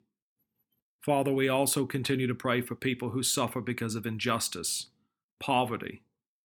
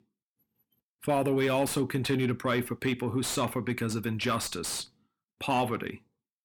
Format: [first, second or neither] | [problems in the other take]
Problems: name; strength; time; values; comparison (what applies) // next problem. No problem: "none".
first | distortion; slight; 10 dB below the speech